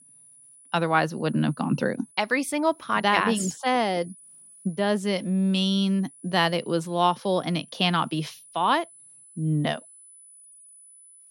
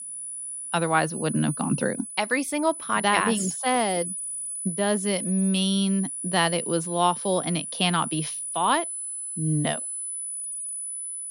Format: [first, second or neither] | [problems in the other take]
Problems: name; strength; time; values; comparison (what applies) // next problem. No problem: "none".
first | high-pitched whine; loud; throughout; 10 kHz, 5 dB below the speech; faint in the first